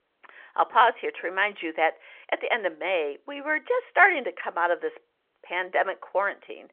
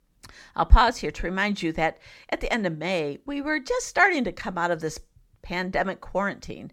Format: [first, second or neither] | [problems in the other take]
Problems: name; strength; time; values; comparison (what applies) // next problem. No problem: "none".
second | phone-call audio; nothing above 3.5 kHz